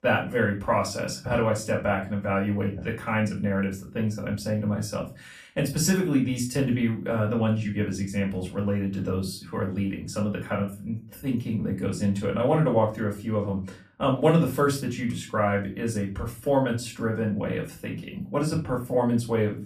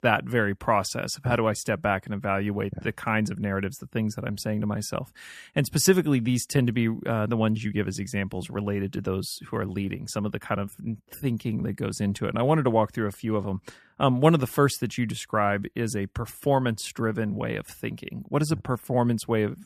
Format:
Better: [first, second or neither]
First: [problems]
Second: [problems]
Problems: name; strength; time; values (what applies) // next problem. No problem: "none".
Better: second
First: off-mic speech; far // room echo; slight; dies away in 0.3 s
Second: none